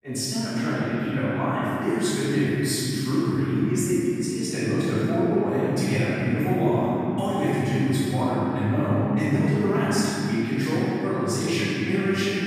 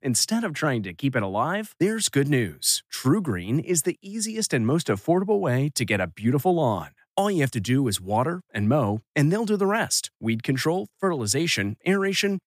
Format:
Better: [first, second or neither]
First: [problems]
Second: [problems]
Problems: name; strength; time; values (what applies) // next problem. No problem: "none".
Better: second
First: off-mic speech; far // room echo; strong; dies away in 3 s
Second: none